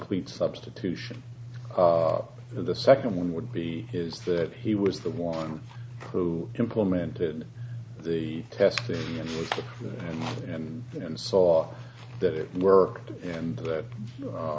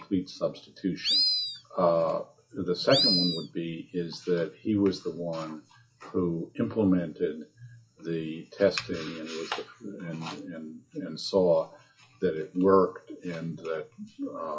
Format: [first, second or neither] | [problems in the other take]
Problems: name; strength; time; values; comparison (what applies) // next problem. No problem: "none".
first | noise reduction (classical method WPE with log-MMSE)